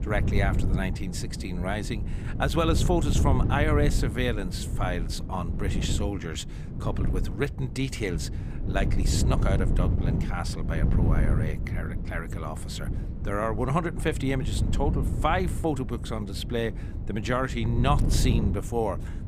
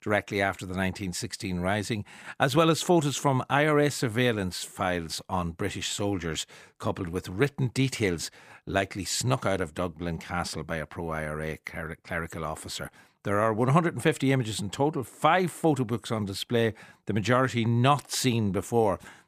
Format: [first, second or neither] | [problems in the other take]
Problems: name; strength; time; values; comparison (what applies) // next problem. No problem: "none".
second | wind noise on the microphone; heavy; 9 dB below the speech